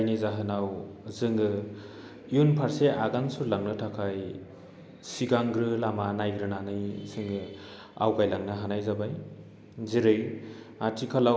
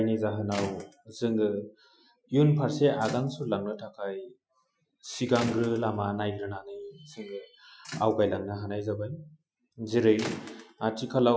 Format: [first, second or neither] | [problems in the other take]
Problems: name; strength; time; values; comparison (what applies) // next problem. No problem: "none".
first | noise reduction (classical method Wiener filter)